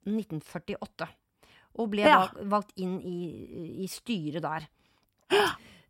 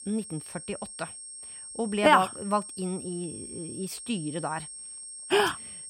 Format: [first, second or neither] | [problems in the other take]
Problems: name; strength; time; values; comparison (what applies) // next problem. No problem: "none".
first | high-pitched whine; noticeable; throughout; 8.5 kHz, 10 dB below the speech